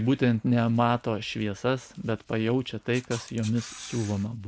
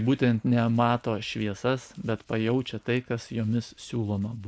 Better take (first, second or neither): second